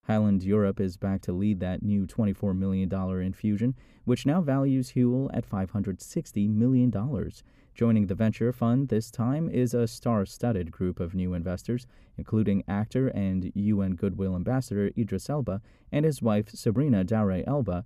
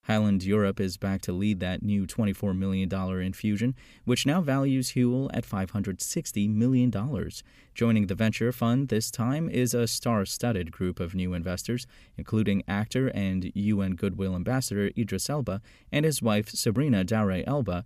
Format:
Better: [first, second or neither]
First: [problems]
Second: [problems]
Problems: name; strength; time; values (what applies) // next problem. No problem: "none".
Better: second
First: muffled; slightly; fading above 1.5 kHz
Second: none